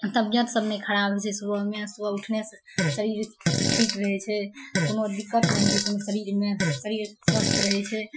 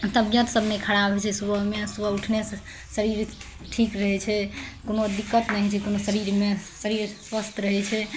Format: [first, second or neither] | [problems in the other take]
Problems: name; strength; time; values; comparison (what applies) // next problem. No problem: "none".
second | noise reduction (classical method Wiener filter)